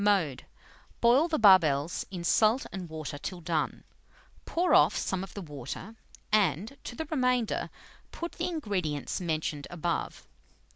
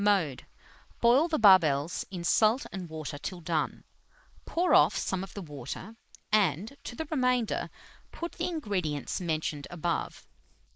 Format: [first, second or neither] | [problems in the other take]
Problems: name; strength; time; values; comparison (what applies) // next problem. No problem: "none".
first | noise reduction (neural mask model Resemble Enhance denoiser)